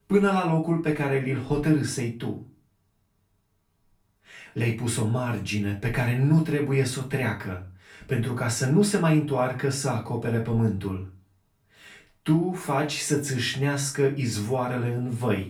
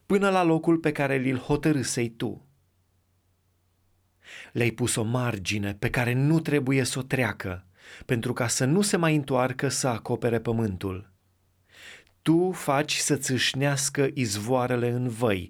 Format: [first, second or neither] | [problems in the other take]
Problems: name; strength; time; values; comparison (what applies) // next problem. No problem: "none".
second | off-mic speech; far // room echo; slight; dies away in 0.3 s